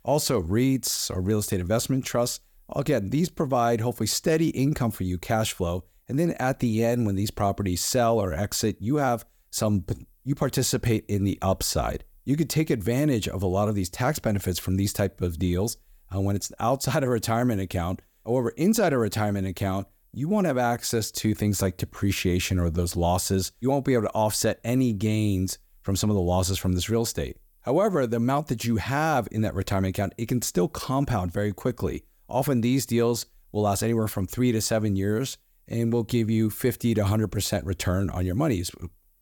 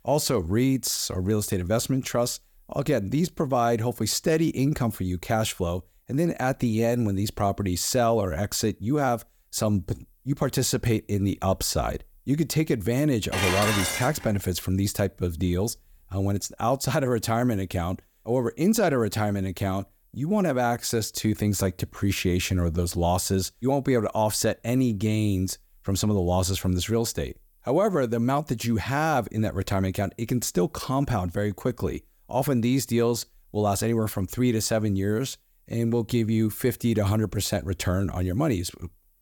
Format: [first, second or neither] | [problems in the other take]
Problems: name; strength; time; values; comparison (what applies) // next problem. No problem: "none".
first | clattering dishes; loud; at 13 s; peak 2 dB above the speech